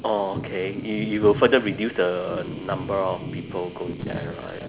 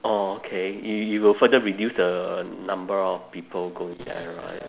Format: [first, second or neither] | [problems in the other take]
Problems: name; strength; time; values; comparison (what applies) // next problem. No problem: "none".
second | background sound (Thunder); 10 dB below the speech